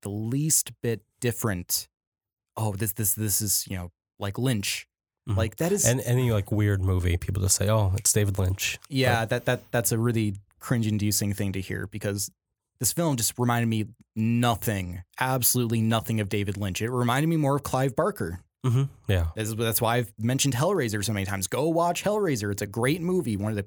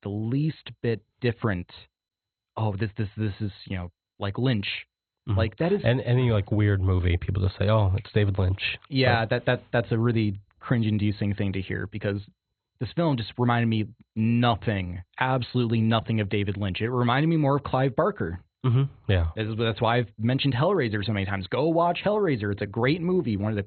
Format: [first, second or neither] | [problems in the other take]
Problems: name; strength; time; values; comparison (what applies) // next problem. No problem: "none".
first | garbled, watery; badly; nothing above 4 kHz